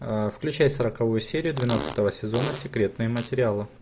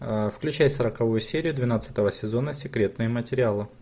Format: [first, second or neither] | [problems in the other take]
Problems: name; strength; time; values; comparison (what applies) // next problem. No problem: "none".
second | background sound (Fart); 12 dB below the speech